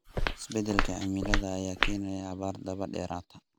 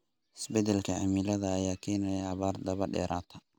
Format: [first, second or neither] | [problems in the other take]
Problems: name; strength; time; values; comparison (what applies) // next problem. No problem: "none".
second | background sound (Walk, footsteps); 4 dB above the speech